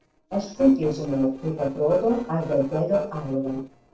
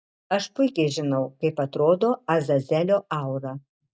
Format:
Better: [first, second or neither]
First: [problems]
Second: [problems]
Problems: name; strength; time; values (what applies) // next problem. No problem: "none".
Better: second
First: noise reduction (neural separator model SepFormer DNS4)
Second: none